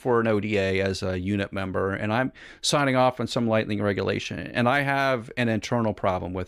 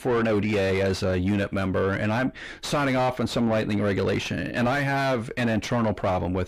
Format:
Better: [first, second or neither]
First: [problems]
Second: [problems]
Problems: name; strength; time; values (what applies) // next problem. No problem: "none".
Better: first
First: none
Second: distortion; heavy; 6 dB below the speech